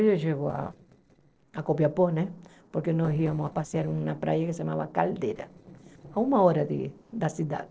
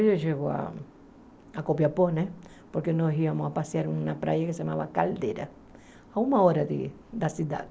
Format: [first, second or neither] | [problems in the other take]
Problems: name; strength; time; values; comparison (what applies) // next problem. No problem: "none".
second | noise reduction (neural separator model SepFormer DNS4)